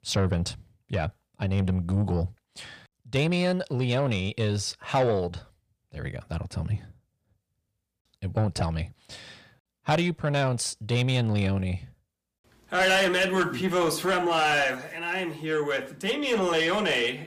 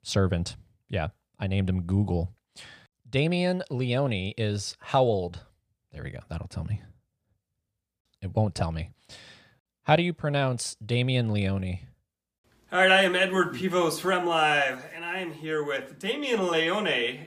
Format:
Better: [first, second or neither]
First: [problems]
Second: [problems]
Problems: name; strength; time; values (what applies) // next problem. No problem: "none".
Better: second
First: distortion; slight; 10 dB below the speech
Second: none